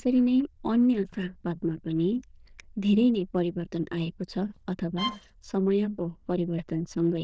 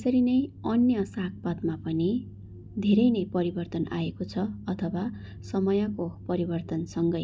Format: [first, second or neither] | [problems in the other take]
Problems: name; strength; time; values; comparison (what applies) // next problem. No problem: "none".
second | noise reduction (neural diffusion model UNIVERSE++)